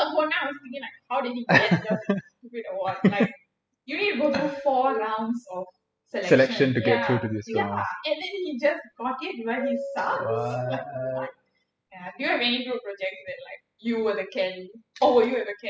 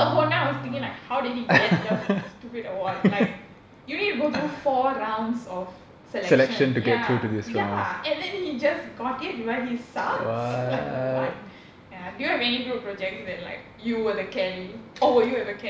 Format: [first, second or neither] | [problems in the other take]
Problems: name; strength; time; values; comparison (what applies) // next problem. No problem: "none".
second | noise reduction (classical method spectral subtraction)